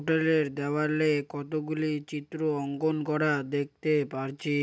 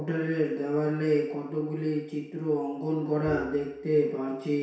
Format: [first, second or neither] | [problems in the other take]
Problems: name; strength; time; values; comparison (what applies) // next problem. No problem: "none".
first | background sound (Bowed string instrument); 15 dB below the speech // room echo; dies away in 0.7 s